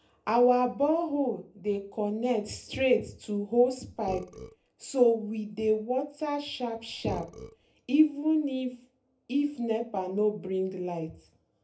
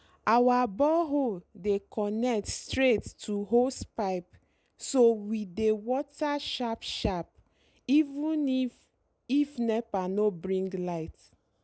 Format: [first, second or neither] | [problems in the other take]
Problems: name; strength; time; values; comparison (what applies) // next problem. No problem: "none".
second | background sound (Burping, eructation); 16 dB below the speech // room echo; dies away in 0.3 s